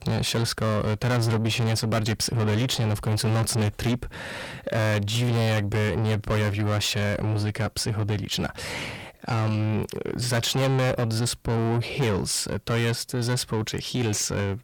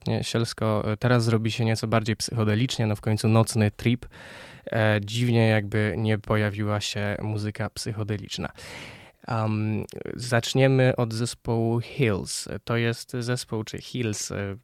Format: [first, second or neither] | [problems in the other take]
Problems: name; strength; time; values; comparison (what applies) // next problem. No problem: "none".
second | distortion; heavy; 6 dB below the speech